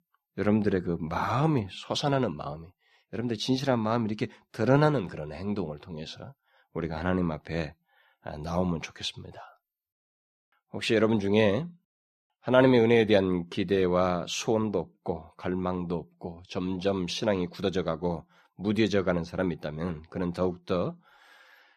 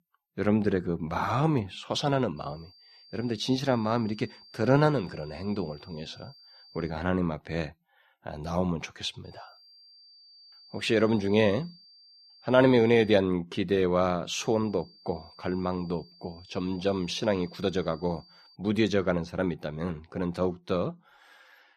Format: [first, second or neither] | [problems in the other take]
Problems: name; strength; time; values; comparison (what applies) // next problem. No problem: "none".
first | high-pitched whine; faint; from 2.5 to 7 s, from 9 to 13 s and from 14 to 19 s; 4.5 kHz, 25 dB below the speech